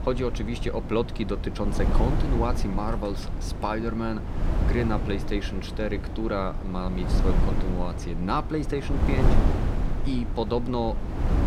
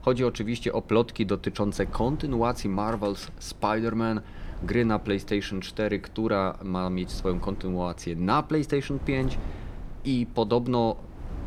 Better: second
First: wind noise on the microphone; heavy; 6 dB below the speech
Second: wind noise on the microphone; occasional gusts; 20 dB below the speech

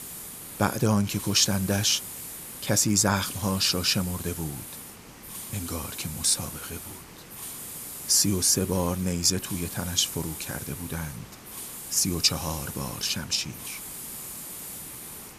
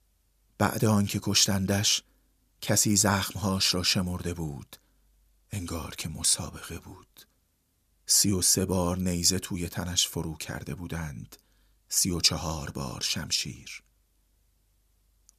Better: second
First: hiss; noticeable; throughout; 10 dB below the speech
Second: none

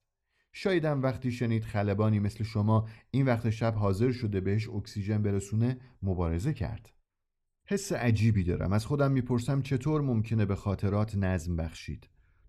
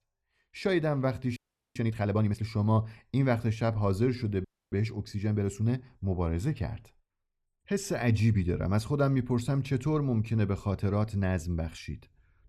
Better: first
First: none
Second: audio freezing; at 1.5 s and at 4.5 s

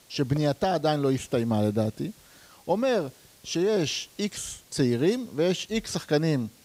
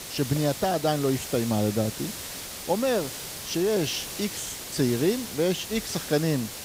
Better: first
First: hiss; faint; throughout; 25 dB below the speech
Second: hiss; loud; throughout; 8 dB below the speech

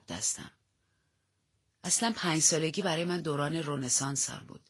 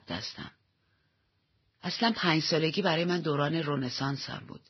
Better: first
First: garbled, watery; slightly; nothing above 10.5 kHz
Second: garbled, watery; badly; nothing above 6 kHz

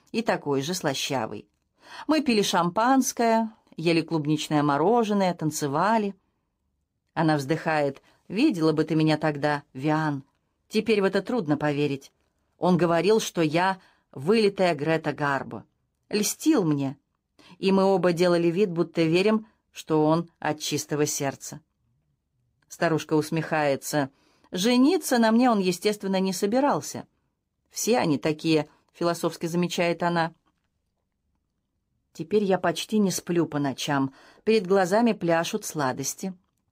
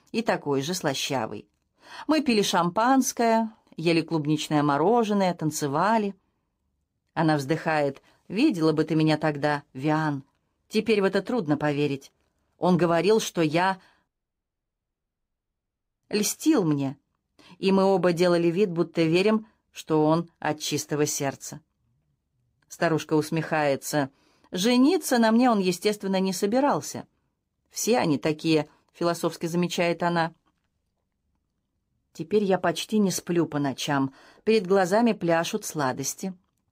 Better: first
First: none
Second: audio cutting out; at 14 s for 2 s

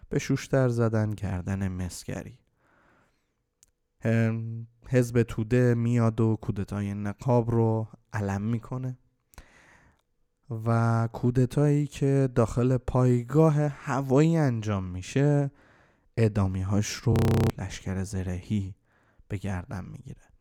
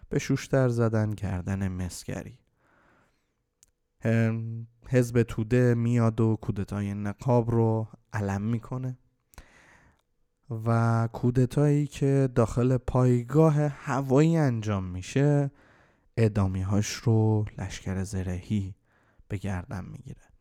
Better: second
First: audio freezing; at 17 s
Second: none

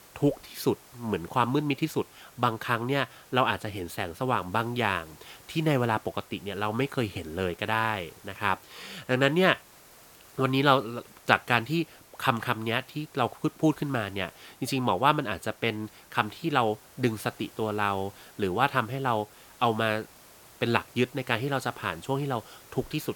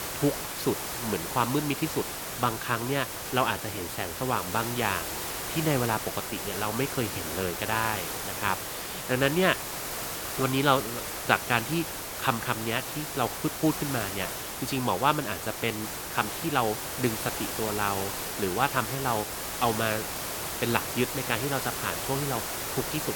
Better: first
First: hiss; faint; throughout; 25 dB below the speech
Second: hiss; loud; throughout; 3 dB below the speech

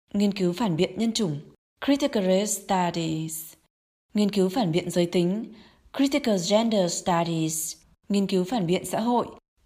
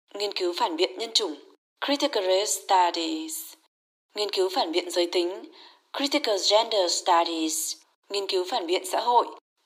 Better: first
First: none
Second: thin; very; fading below 300 Hz

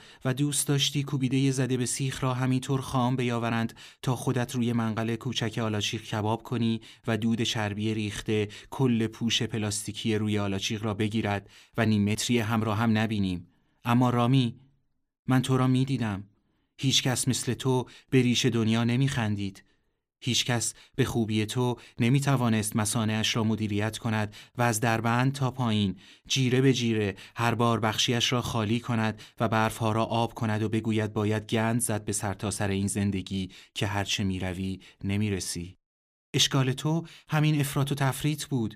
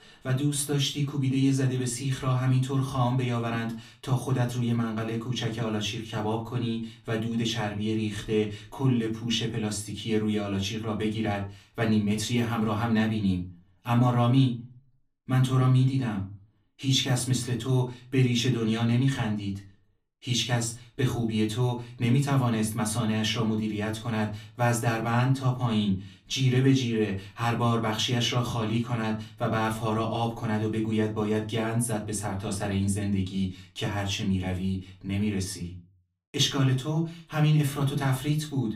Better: first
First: none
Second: off-mic speech; far // room echo; very slight; dies away in 0.3 s

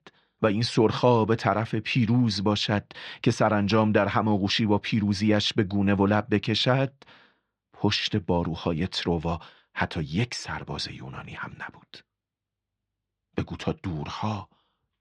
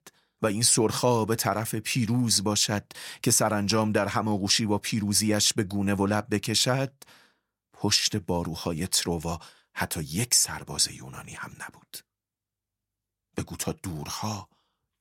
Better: second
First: muffled; slightly; fading above 3.5 kHz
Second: none

